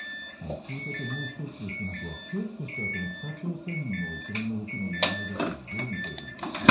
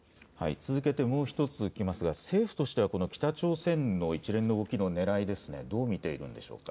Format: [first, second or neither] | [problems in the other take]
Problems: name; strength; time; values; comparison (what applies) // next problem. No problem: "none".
second | background sound (Doorbell); 3 dB above the speech // room echo; dies away in 0.6 s